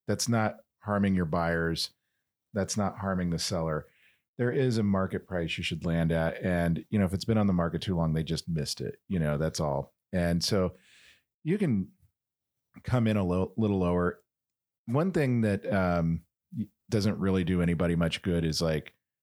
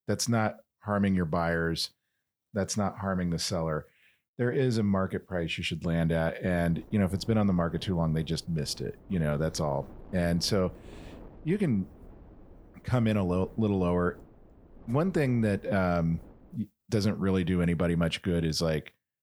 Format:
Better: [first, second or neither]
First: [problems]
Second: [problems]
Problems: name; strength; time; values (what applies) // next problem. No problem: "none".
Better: first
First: none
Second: wind noise on the microphone; occasional gusts; from 6.5 to 17 s; 25 dB below the speech